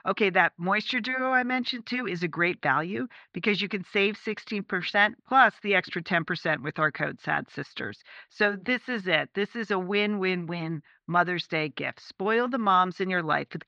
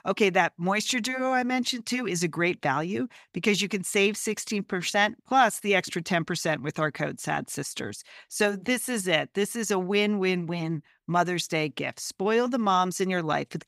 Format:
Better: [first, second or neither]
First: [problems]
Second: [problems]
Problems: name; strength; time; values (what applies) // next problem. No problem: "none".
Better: second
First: muffled; slightly; fading above 4.5 kHz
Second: none